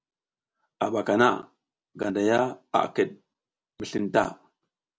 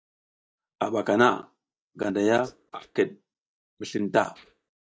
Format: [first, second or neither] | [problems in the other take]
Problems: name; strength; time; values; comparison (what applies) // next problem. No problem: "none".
first | noise reduction (neural mask model DeepFilterNet 3)